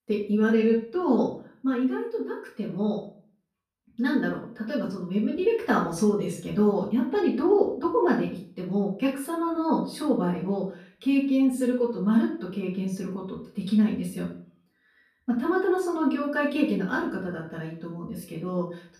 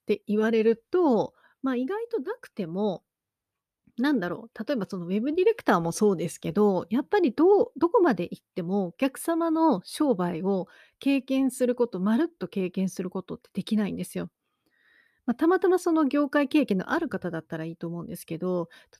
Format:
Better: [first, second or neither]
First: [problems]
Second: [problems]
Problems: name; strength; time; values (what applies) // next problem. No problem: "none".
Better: second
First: off-mic speech; far // room echo; slight; dies away in 0.4 s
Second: none